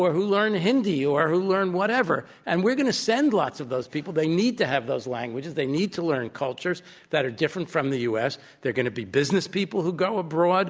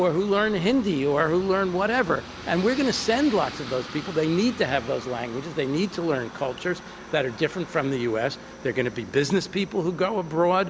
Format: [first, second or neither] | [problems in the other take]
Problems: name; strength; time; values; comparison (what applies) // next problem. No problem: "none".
first | background sound (Aircraft); 15 dB below the speech